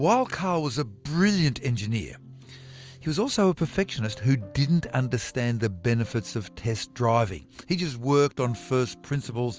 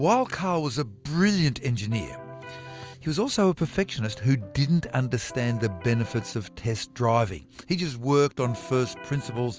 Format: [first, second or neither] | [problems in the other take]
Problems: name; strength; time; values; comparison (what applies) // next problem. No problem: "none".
first | background sound (Electric guitar); 16 dB below the speech